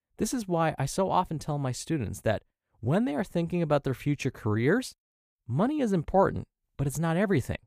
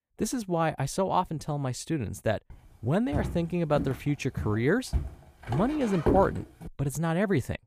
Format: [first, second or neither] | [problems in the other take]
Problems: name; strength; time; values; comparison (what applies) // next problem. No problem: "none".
first | footsteps; loud; from 3 to 6.5 s; peak 1 dB above the speech